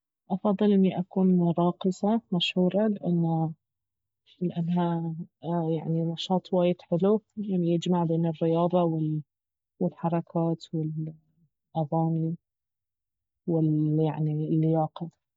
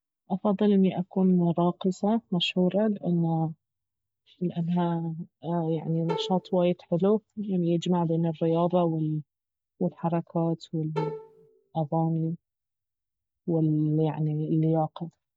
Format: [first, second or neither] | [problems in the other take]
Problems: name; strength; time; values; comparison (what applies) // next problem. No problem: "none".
first | background sound (Bowed string instrument); 11 dB below the speech